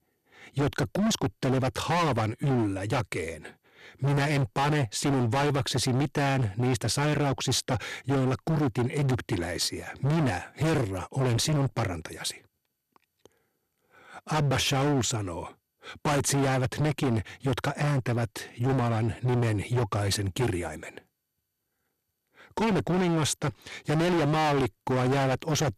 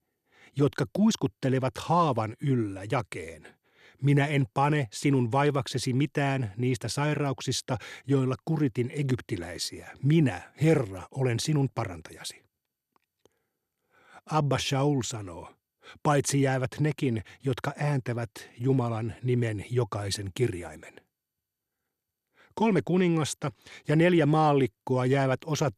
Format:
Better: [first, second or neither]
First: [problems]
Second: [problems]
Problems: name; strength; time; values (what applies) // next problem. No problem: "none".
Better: second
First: distortion; heavy; 23% of the sound clipped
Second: none